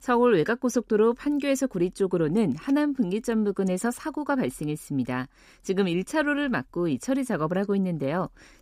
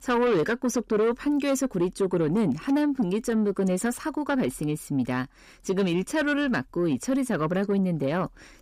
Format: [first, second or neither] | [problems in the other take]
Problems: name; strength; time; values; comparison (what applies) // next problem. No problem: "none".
first | distortion; slight; 10 dB below the speech